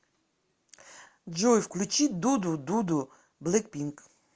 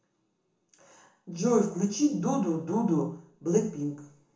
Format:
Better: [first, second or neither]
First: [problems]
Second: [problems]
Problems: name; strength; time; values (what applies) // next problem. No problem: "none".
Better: first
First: none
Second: room echo; dies away in 0.7 s